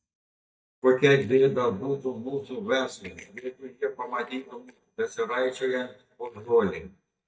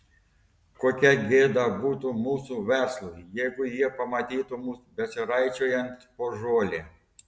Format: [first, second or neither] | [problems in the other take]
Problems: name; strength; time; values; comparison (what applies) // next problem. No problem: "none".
second | noise reduction (neural mask model DeepFilterNet 3)